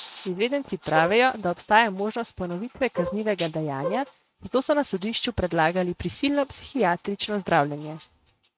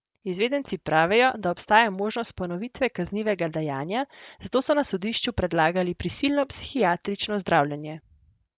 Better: second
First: noise reduction (neural mask model RNNoise)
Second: none

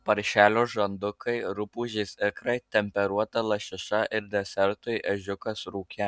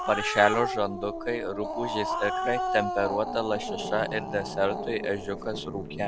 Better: first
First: none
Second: background sound (Growling); 4 dB below the speech

